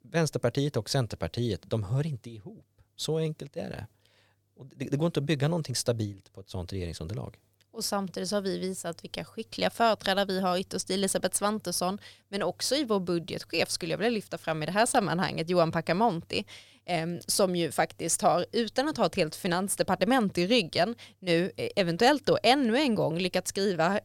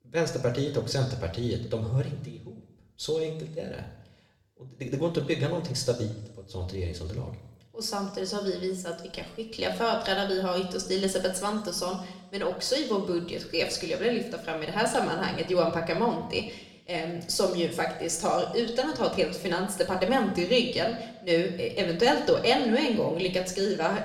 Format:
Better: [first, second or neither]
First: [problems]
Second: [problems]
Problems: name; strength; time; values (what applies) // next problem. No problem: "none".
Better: first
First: none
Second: room echo; slight; dies away in 0.8 s